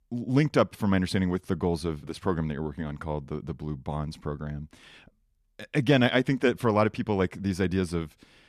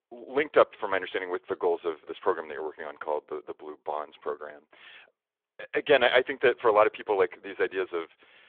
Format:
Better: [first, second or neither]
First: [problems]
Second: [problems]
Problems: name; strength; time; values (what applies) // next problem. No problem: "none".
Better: first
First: none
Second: phone-call audio; nothing above 3.5 kHz